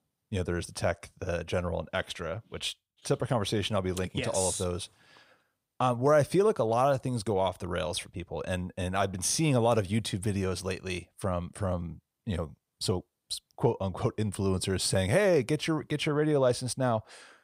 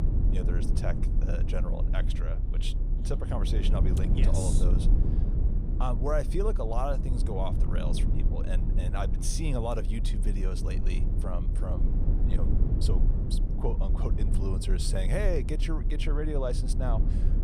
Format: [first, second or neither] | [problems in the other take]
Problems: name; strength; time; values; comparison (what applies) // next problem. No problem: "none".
first | low rumble; loud; throughout; 6 dB below the speech